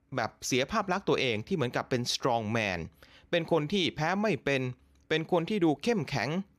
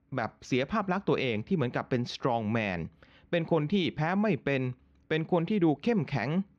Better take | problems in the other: first | muffled; slightly; fading above 3 kHz

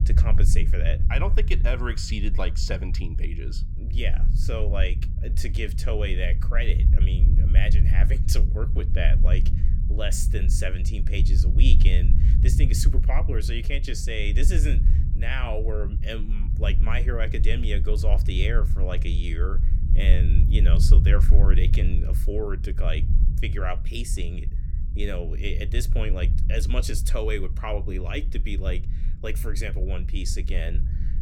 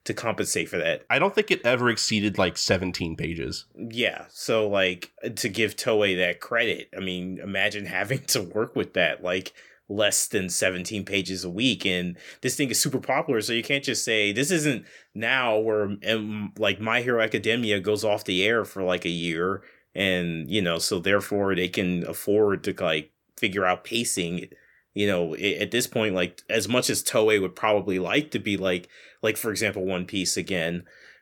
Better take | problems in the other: second | low rumble; loud; throughout; 9 dB below the speech

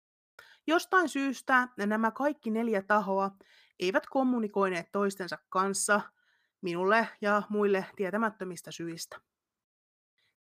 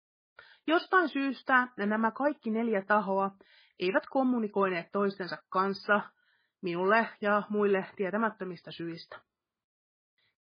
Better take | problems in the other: first | garbled, watery; badly; nothing above 5 kHz

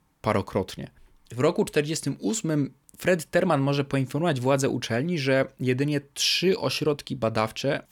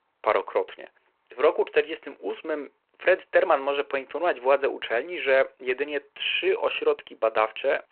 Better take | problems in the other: first | phone-call audio

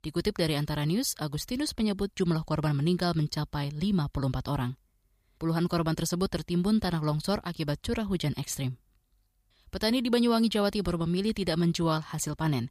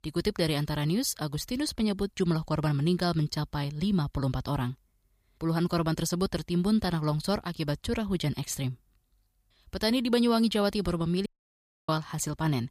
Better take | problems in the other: first | audio cutting out; at 11 s for 0.5 s

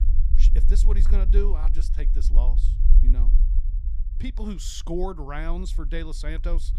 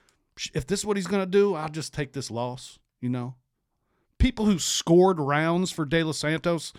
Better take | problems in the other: second | low rumble; noticeable; throughout; 10 dB below the speech

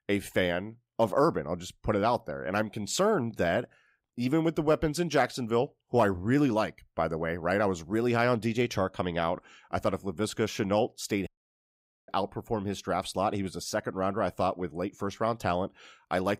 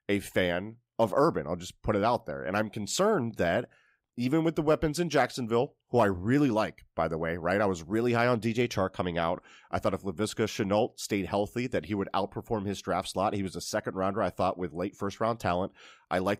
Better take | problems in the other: second | audio cutting out; at 11 s for 1 s

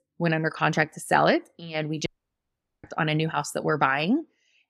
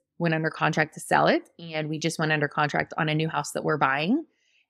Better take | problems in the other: second | audio cutting out; at 2 s for 1 s

